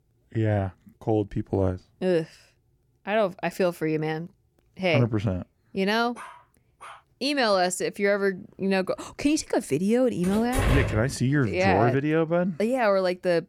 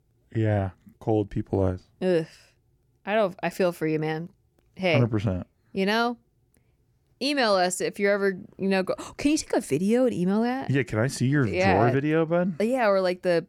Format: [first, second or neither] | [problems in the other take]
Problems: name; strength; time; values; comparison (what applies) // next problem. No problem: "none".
second | dog barking; faint; at 6 s; peak 20 dB below the speech // door banging; loud; at 10 s; peak level with the speech